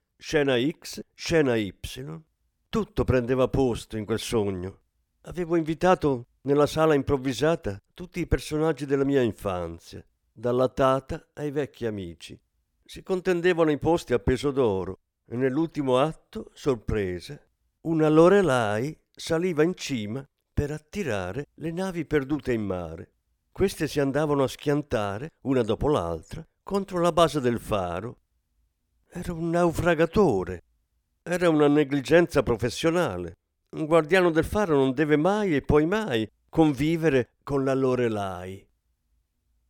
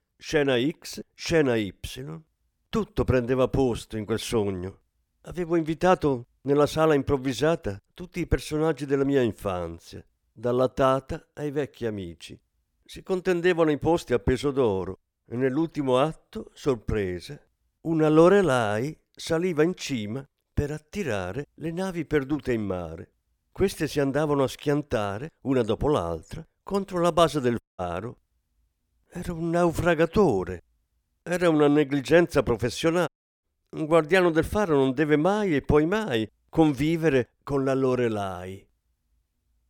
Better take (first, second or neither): first